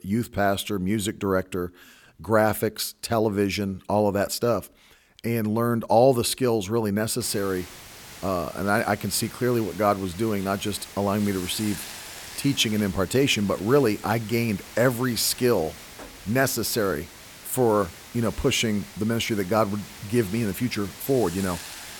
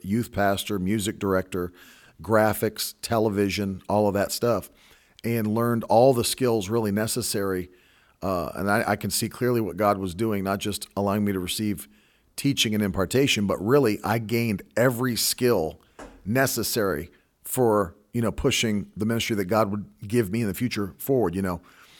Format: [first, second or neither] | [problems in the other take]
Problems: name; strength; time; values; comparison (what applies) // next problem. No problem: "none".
second | hiss; noticeable; from 7 s on; 15 dB below the speech